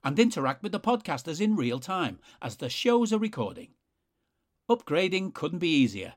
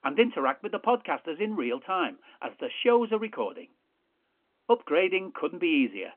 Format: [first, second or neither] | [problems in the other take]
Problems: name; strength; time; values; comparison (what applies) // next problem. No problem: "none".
first | phone-call audio; nothing above 3 kHz